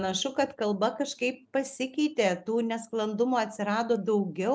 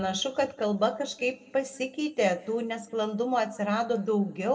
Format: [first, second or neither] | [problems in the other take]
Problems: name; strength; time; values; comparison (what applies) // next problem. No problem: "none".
first | room echo; dies away in 1.3 s